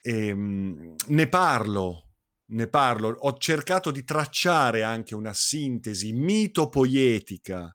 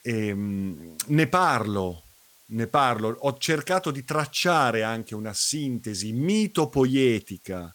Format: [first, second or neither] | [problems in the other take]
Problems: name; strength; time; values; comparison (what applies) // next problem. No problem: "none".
first | hiss; faint; throughout; 30 dB below the speech